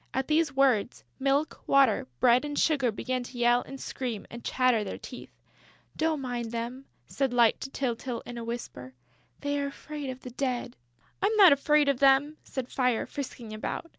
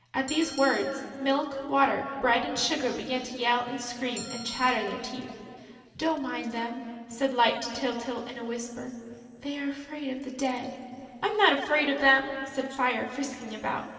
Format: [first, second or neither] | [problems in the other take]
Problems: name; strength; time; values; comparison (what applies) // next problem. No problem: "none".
first | background sound (Bell); 15 dB below the speech // room echo; dies away in 2.5 s